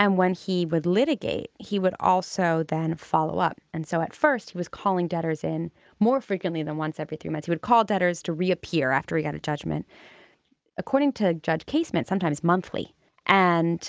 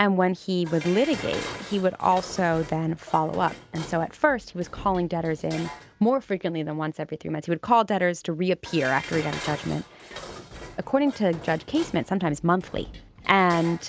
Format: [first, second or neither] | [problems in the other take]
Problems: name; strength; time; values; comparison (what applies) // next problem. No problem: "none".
first | background sound (Dishes, pots, and pans); 16 dB below the speech